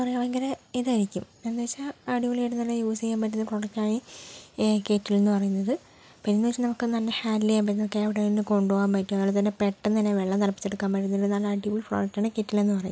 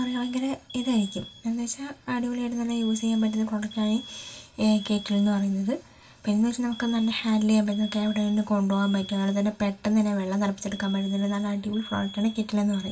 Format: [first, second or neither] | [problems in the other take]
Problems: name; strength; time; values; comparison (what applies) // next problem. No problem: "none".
first | background sound (Alarm); 19 dB below the speech // room echo; dies away in 0.2 s